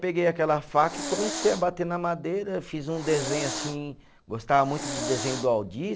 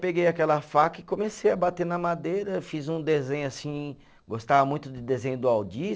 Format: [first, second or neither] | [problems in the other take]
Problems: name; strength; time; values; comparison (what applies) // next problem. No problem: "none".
second | background sound (Hiss); 8 dB below the speech